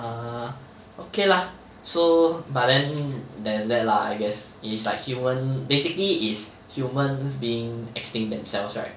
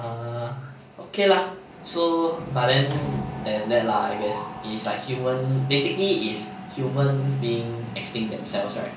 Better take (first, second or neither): first